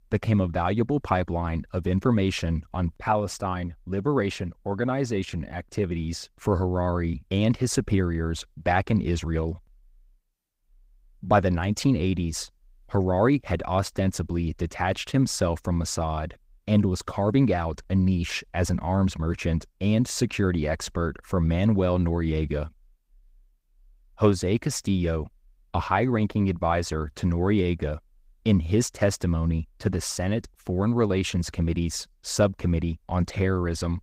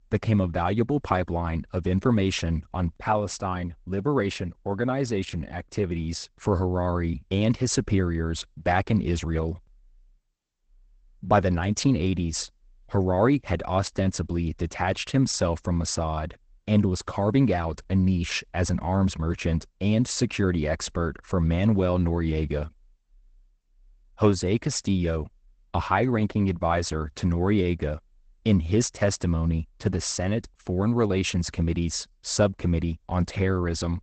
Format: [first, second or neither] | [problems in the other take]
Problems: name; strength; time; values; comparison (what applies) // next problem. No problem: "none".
first | garbled, watery; badly; nothing above 8 kHz; slightly in the first